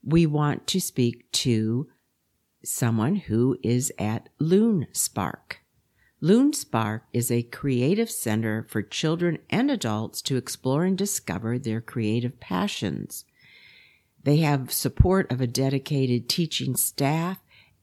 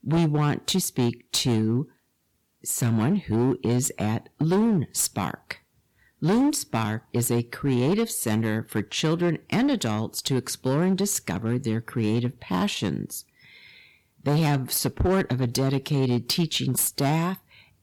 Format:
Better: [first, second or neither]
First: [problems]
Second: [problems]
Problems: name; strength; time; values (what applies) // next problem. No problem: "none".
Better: first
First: none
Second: distortion; slight; 9% of the sound clipped